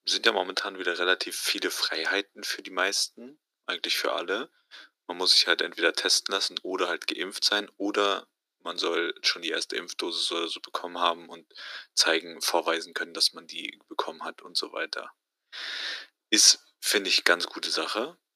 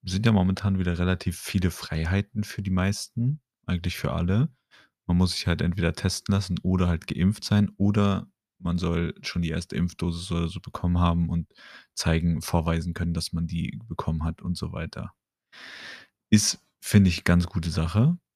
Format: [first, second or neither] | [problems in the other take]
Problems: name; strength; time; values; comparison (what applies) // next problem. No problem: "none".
second | thin; very; fading below 300 Hz